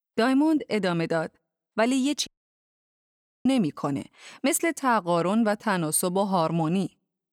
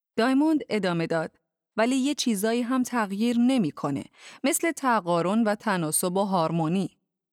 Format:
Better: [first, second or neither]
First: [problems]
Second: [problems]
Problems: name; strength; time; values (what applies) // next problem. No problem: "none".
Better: second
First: audio cutting out; at 2.5 s for 1 s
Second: none